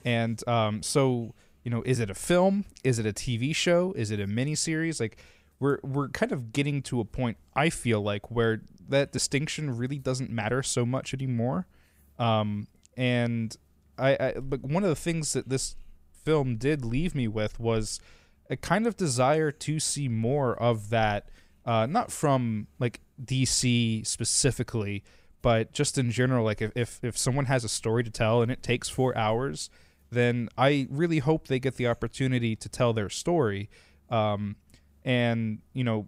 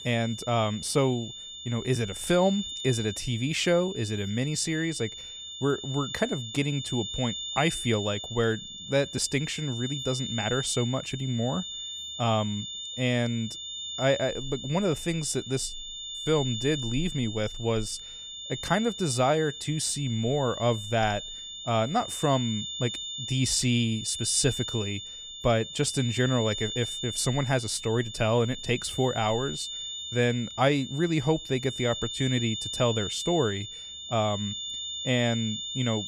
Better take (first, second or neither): first